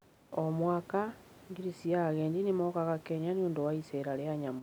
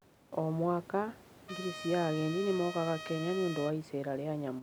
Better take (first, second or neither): first